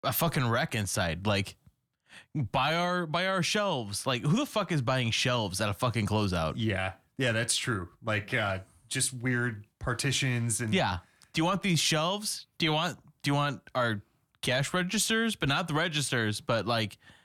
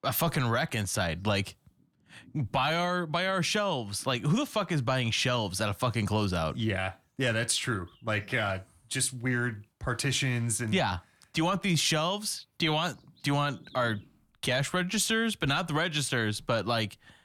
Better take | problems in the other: first | animal sounds; faint; throughout; 30 dB below the speech

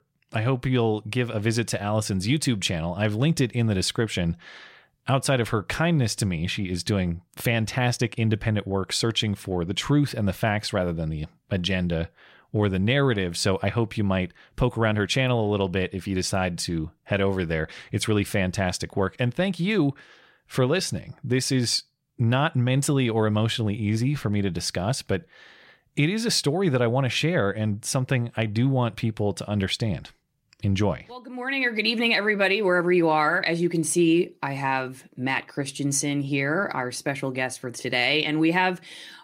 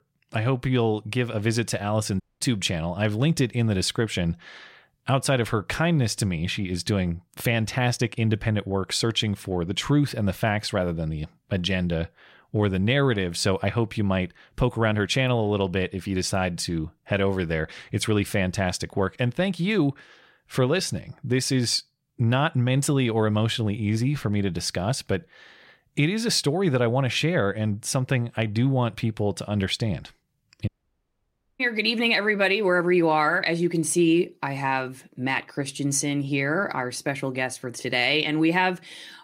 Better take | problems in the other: first | audio cutting out; at 2 s and at 31 s for 1 s

